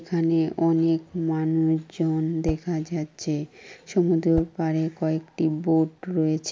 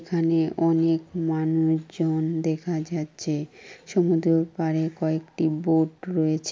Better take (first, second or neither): second